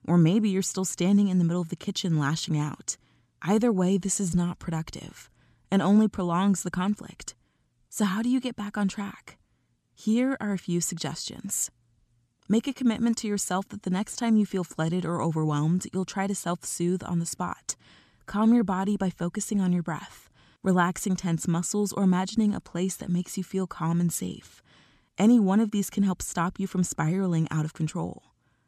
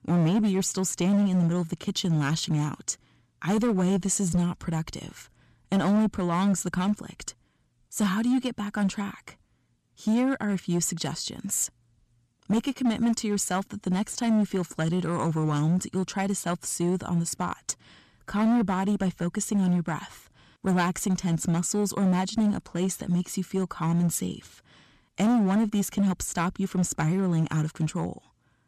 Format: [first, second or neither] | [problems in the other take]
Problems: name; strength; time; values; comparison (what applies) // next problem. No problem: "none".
first | distortion; slight; 9% of the sound clipped